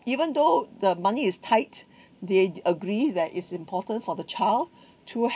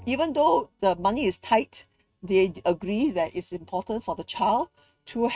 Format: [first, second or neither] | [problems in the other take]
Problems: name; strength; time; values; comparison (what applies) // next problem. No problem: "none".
first | noise reduction (neural mask model RNNoise)